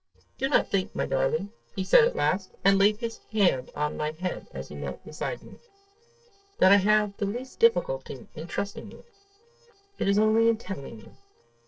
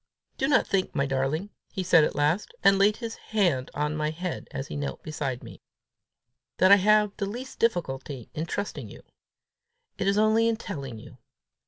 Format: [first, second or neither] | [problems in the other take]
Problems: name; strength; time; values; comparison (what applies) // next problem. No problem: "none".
second | noise reduction (neural separator model SepFormer DNS4)